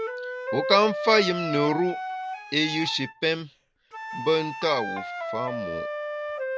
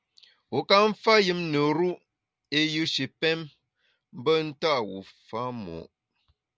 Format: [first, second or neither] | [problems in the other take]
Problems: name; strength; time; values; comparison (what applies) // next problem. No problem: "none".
second | background sound (Wind instrument, woodwind instrument); 6 dB below the speech